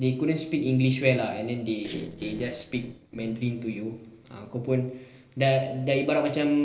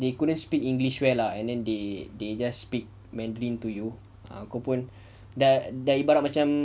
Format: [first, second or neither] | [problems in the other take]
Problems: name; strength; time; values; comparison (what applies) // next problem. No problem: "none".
second | noise reduction (neural separator model SepFormer DNS4)